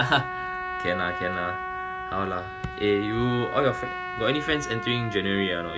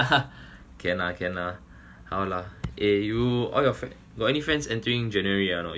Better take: second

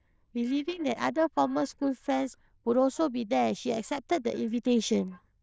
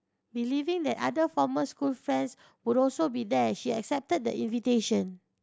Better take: second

